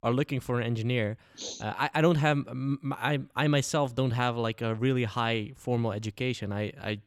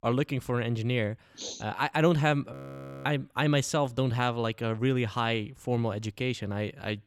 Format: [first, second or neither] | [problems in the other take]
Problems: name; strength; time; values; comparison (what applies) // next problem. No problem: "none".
first | audio freezing; at 2.5 s for 0.5 s